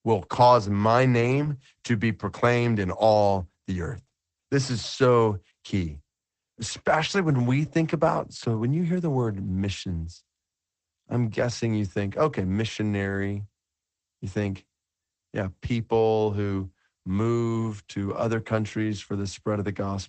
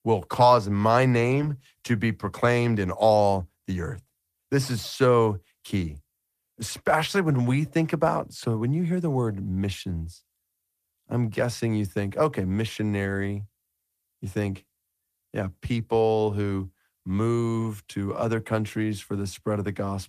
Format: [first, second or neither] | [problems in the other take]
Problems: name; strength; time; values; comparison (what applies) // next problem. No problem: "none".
second | garbled, watery; badly; nothing above 8 kHz; slightly in the second